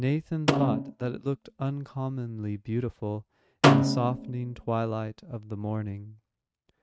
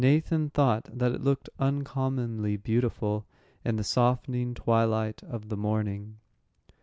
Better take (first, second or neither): second